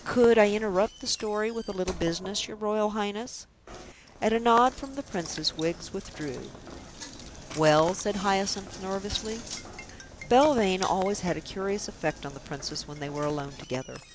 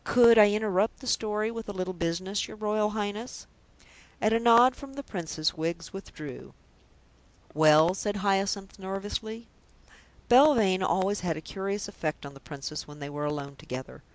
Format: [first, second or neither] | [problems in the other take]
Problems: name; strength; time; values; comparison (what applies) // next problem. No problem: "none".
second | background sound (Knock); 16 dB below the speech